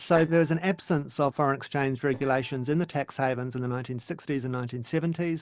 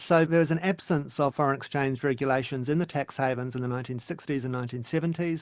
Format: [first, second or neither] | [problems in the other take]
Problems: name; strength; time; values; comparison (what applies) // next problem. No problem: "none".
second | noise reduction (neural separator model SepFormer DNS4)